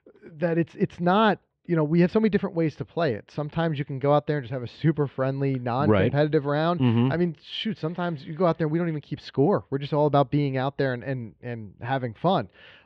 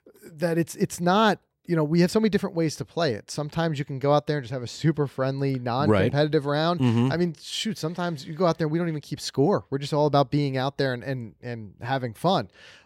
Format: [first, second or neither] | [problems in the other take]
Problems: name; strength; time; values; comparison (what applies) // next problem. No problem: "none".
second | muffled; slightly; fading above 3 kHz